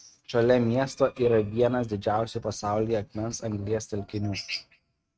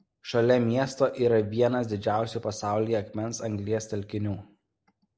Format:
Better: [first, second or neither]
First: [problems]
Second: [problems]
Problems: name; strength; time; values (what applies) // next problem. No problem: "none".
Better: second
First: noise reduction (neural mask model RNNoise)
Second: none